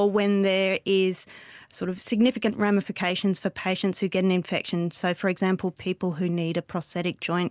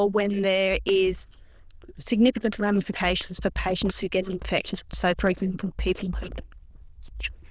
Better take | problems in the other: first | noise reduction (neural diffusion model UNIVERSE++)

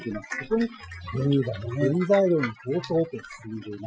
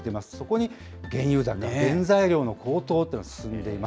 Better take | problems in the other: second | noise reduction (classical method Wiener filter)

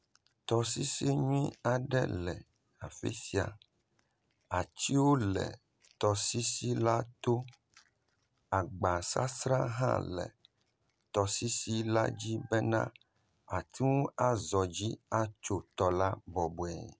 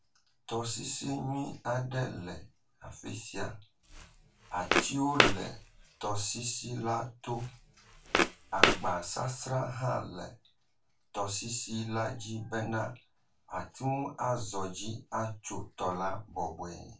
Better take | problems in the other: first | background sound (Walk, footsteps); 3 dB above the speech // room echo; dies away in 0.2 s

